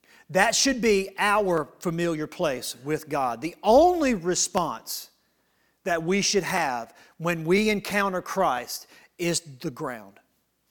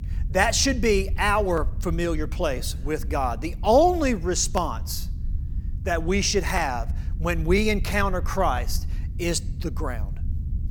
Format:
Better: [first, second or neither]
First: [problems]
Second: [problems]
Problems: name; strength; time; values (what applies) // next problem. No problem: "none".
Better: first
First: none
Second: low rumble; faint; throughout; 25 dB below the speech